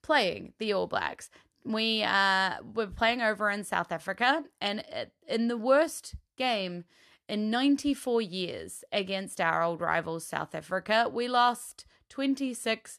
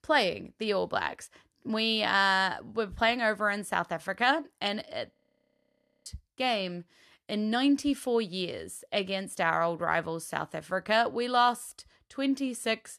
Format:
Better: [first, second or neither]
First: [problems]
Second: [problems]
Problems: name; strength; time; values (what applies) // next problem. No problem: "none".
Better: first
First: none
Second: audio freezing; at 5 s for 1 s